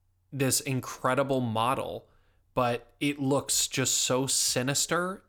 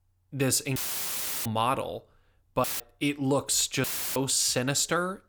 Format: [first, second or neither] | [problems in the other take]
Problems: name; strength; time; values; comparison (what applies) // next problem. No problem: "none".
first | audio cutting out; filled with static; at 1 s for 0.5 s, at 2.5 s and at 4 s